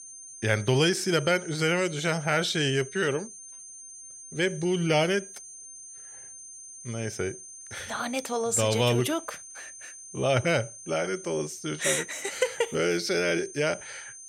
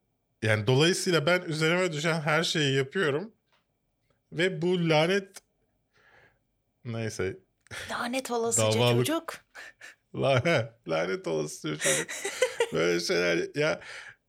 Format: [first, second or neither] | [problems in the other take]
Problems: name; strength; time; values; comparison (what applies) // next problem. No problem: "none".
second | high-pitched whine; noticeable; throughout; 6.5 kHz, 15 dB below the speech